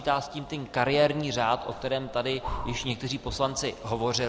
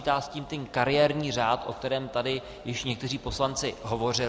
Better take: second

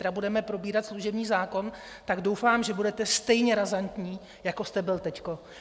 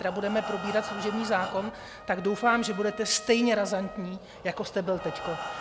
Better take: first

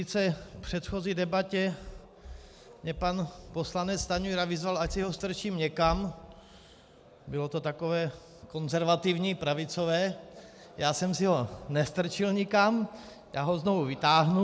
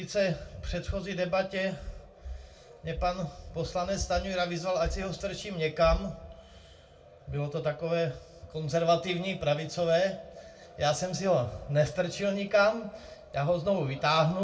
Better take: first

